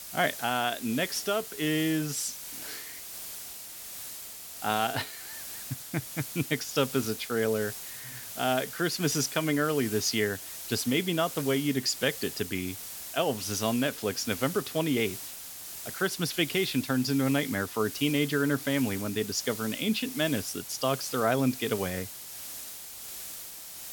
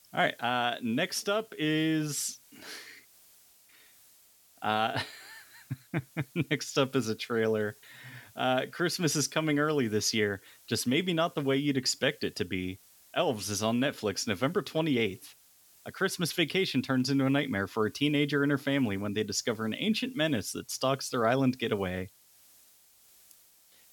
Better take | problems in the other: second | hiss; loud; throughout; 9 dB below the speech; faint in the second

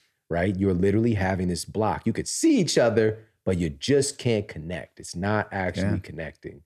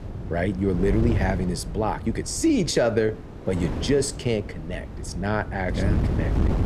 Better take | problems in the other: first | wind noise on the microphone; occasional gusts; 10 dB below the speech

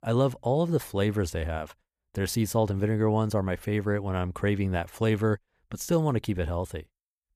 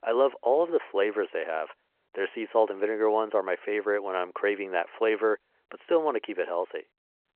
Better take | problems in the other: first | phone-call audio

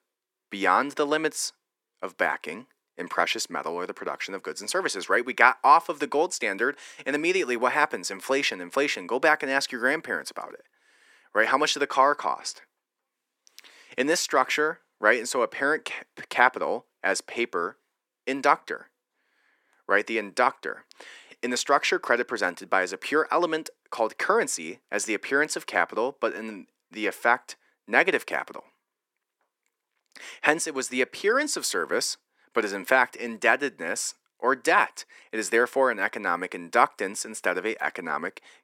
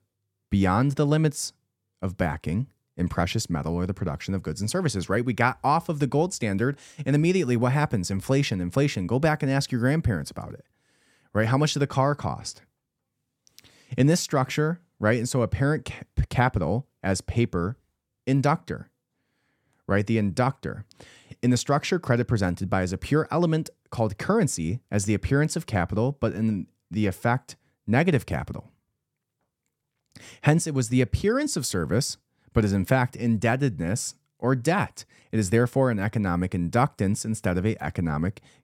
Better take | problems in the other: second | thin; very; fading below 350 Hz

